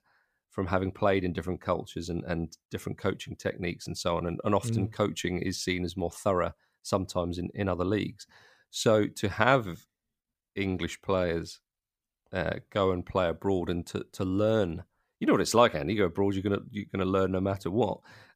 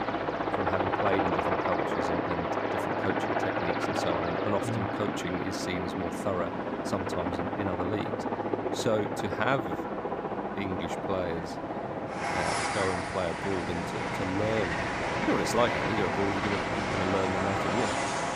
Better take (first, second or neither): first